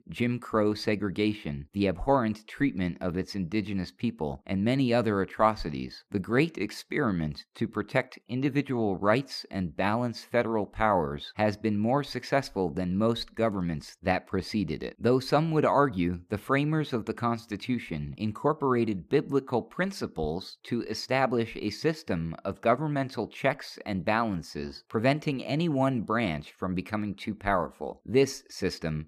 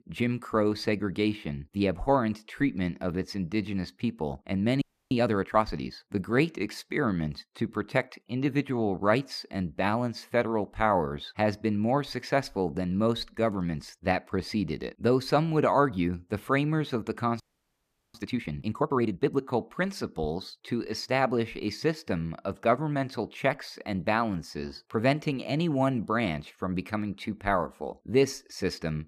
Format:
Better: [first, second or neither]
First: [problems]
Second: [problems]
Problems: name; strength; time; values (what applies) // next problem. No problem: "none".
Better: first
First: none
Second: audio freezing; at 5 s and at 17 s for 0.5 s